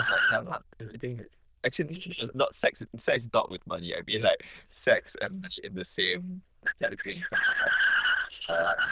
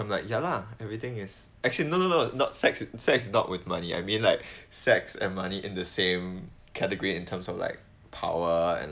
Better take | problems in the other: second | noise reduction (neural diffusion model UNIVERSE++)

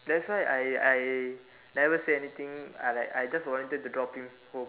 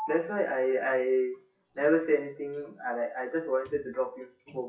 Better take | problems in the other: first | noise reduction (classical method WPE with log-MMSE)

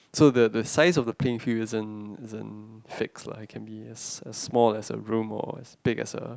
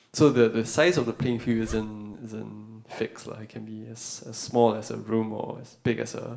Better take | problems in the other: first | background sound (Zipper (clothing)); 17 dB below the speech // room echo; dies away in 0.6 s

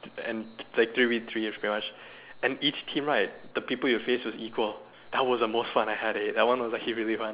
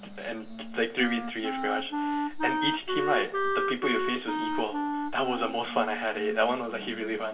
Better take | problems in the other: first | background sound (Wind instrument, woodwind instrument); 2 dB below the speech // room echo; dies away in 0.2 s

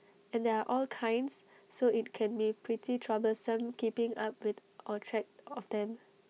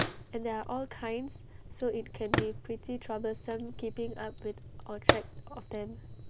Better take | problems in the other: first | background sound (Fire); 1 dB above the speech

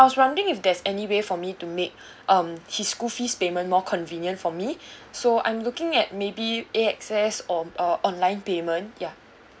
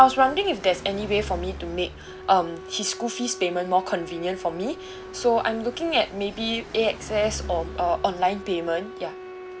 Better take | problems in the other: first | background sound (Car passing by + Wind instrument, woodwind instrument); 13 dB below the speech

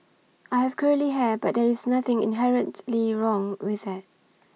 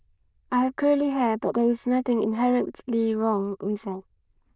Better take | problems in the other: first | noise reduction (neural diffusion model UNIVERSE++)

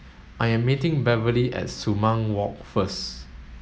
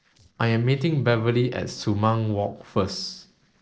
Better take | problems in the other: first | noise reduction (neural separator model SepFormer DNS4)

